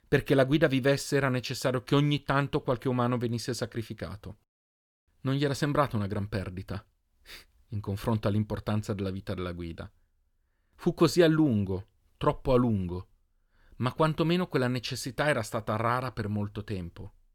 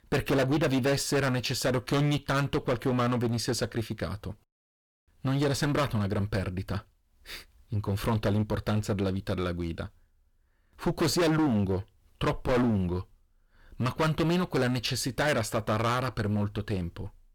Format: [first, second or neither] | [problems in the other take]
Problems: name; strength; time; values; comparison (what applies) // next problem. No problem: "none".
first | distortion; heavy; 13% of the sound clipped